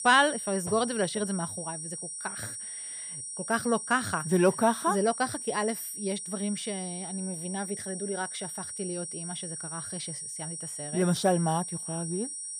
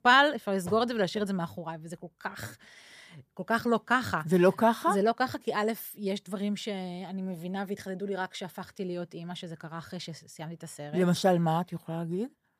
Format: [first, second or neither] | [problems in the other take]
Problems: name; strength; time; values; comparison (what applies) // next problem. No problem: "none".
second | high-pitched whine; loud; throughout; 9 kHz, 6 dB below the speech